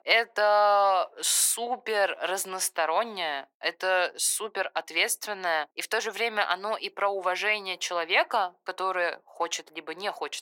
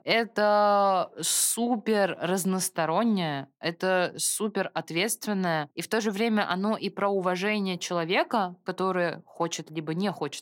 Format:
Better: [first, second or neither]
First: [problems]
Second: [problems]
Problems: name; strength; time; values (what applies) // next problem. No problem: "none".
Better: second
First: thin; very; fading below 500 Hz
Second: none